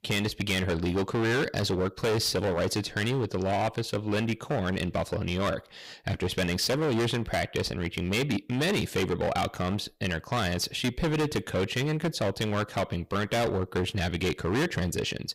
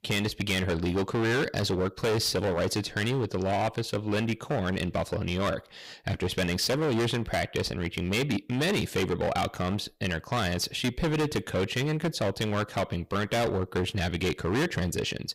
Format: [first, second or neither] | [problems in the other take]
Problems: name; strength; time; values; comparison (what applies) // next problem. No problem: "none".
neither | distortion; heavy; 19% of the sound clipped; the same in both